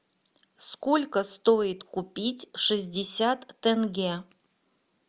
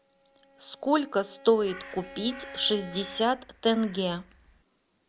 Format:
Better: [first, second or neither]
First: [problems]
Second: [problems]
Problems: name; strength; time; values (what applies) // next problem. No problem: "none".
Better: first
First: none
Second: background sound (Crow + Bowed string instrument); 18 dB below the speech